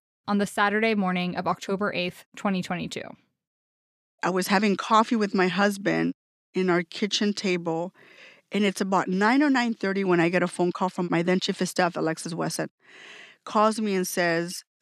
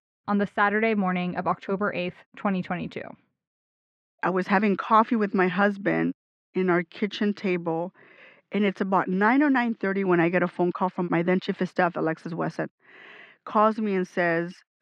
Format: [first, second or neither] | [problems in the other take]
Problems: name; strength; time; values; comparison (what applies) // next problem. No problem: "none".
first | muffled; very; fading above 2 kHz